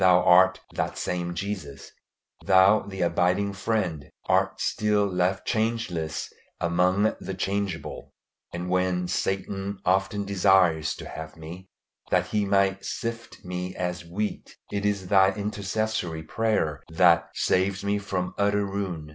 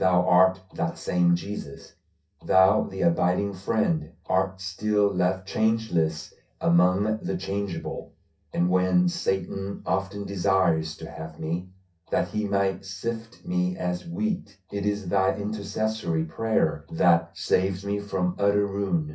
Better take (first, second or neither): first